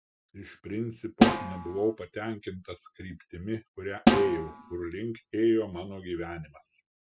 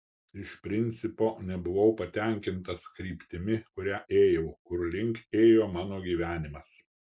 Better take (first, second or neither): second